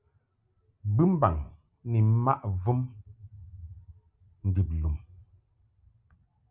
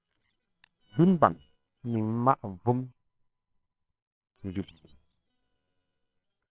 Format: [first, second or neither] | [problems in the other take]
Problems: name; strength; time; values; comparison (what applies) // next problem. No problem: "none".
first | noise reduction (neural separator model SepFormer WHAMR!)